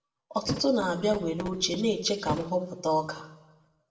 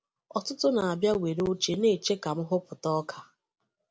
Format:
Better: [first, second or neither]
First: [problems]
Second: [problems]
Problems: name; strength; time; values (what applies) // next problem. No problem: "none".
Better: second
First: background sound (Thump, thud); 12 dB below the speech // room echo; dies away in 0.9 s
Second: none